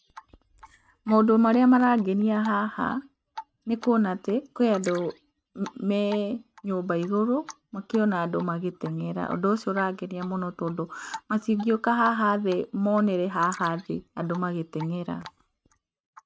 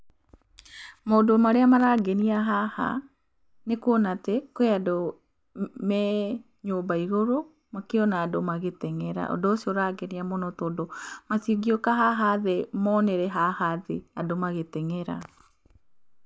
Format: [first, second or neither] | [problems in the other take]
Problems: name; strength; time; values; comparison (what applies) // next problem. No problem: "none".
second | noise reduction (neural mask model RNNoise)